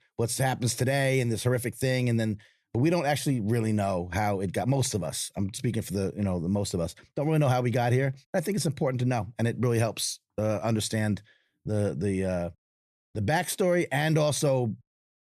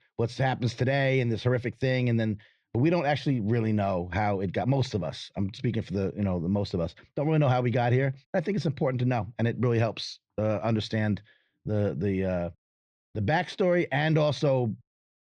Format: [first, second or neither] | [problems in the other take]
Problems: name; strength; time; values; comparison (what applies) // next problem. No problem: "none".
first | muffled; very slightly; fading above 4.5 kHz